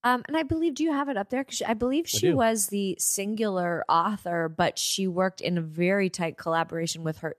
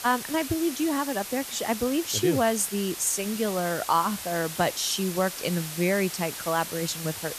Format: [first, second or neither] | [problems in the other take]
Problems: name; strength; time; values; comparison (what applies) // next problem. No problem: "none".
first | hiss; loud; throughout; 8 dB below the speech